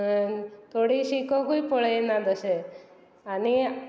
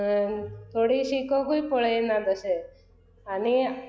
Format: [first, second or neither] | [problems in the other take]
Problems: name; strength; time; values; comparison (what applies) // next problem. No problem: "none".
first | noise reduction (classical method log-MMSE)